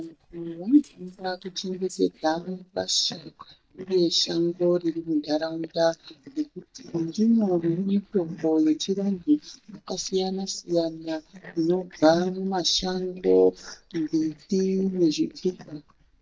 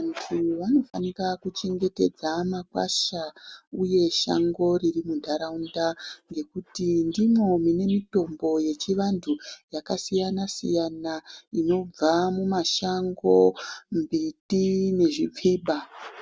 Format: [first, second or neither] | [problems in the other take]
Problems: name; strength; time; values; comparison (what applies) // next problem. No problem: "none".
second | noise reduction (neural mask model DeepFilterNet 3)